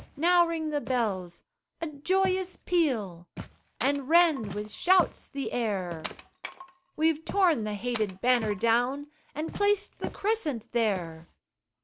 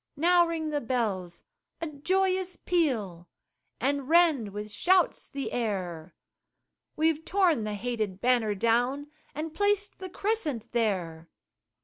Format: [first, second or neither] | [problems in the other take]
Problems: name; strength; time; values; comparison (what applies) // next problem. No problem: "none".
second | background sound (Walk, footsteps + Wood); 15 dB below the speech